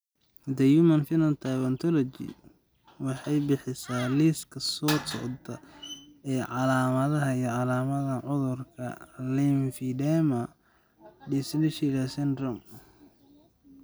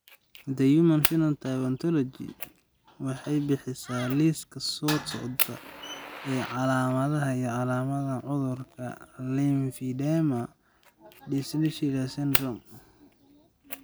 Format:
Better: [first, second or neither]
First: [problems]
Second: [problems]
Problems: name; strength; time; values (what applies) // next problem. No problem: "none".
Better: first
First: none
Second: background sound (Fire); 10 dB below the speech